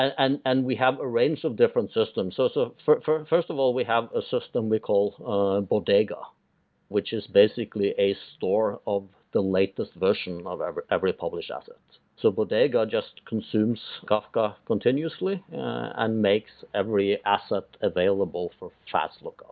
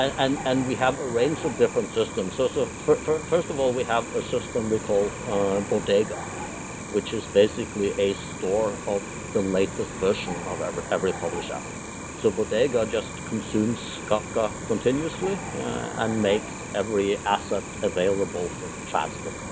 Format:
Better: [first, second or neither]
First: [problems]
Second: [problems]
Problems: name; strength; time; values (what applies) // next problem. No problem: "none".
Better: first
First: none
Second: background sound (Cricket); 9 dB below the speech